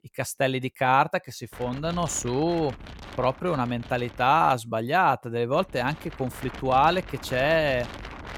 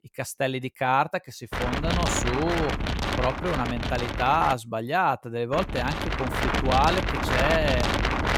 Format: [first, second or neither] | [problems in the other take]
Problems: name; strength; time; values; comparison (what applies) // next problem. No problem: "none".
first | wind noise on the microphone; heavy; from 1.5 to 4.5 s and from 5.5 s on; 2 dB below the speech; occasional gusts in the first